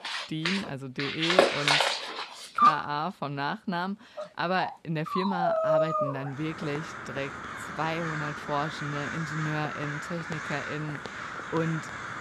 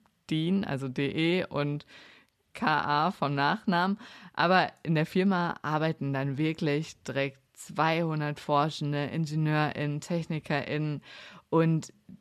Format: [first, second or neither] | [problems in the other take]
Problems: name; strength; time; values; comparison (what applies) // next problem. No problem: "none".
second | animal sounds; very loud; throughout; 3 dB above the speech